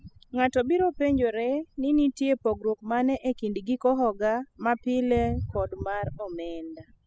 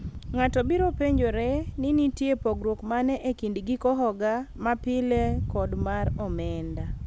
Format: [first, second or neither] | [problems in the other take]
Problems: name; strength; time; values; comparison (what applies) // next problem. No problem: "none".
second | noise reduction (classical method spectral subtraction)